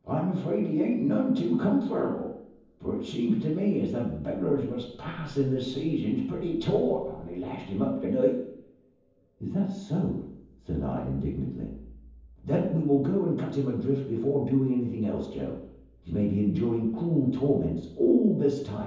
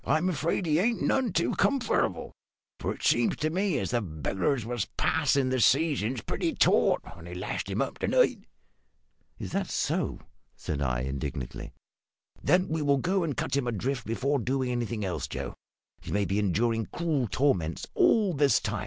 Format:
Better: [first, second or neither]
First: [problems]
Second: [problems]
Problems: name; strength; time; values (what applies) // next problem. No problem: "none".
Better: second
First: room echo; dies away in 0.9 s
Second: none